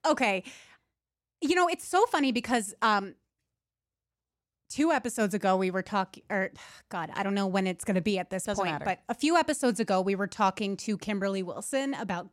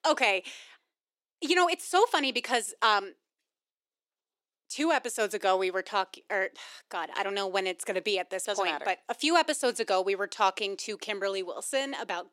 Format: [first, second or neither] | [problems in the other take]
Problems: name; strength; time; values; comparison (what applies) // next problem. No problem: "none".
first | thin; somewhat; fading below 350 Hz